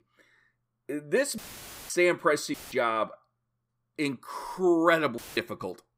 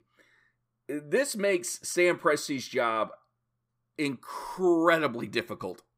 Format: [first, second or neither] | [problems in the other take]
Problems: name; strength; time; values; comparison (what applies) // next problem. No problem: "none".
second | audio cutting out; filled with static; at 1.5 s for 0.5 s, at 2.5 s and at 5 s